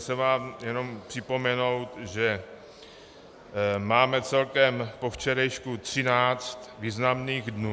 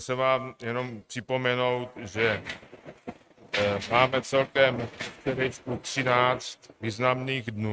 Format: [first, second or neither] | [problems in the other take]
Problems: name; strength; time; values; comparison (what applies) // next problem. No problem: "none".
first | noise reduction (neural mask model RNNoise)